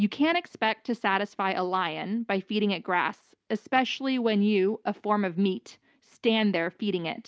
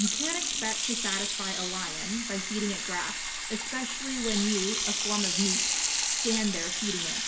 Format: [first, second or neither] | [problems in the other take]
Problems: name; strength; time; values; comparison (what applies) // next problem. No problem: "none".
first | background sound (Sink (filling or washing) / Water tap, faucet); 3 dB above the speech // room echo; dies away in 0.5 s